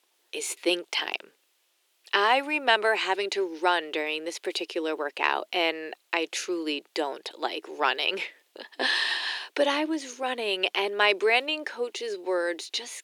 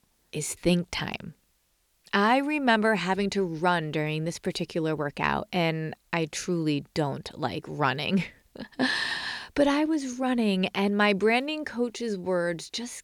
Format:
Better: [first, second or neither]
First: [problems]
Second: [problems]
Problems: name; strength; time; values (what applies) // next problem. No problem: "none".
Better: second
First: thin; very; fading below 350 Hz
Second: none